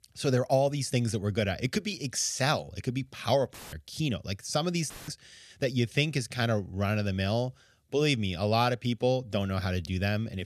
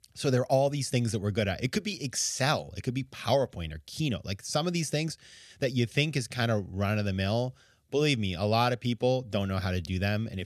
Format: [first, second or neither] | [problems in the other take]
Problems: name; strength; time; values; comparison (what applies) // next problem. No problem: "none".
second | audio cutting out; filled with static; at 3.5 s and at 5 s